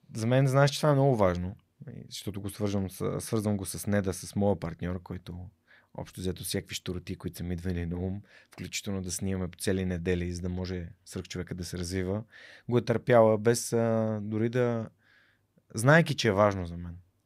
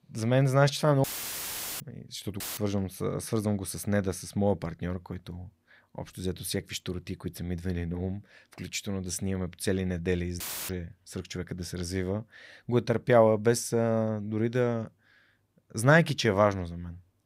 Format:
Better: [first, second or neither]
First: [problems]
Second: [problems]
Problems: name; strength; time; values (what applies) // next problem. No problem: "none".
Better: first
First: none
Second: audio cutting out; filled with static; at 1 s for 1 s, at 2.5 s and at 10 s